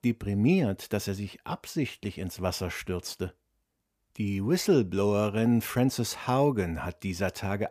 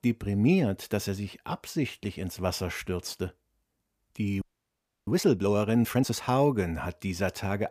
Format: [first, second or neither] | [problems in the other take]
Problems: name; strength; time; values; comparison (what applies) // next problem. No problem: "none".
first | audio freezing; at 4.5 s for 0.5 s